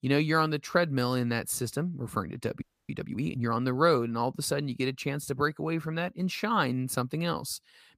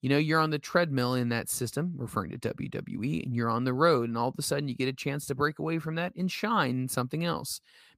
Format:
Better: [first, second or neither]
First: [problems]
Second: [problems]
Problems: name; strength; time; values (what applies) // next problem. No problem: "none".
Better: second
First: audio freezing; at 2.5 s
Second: none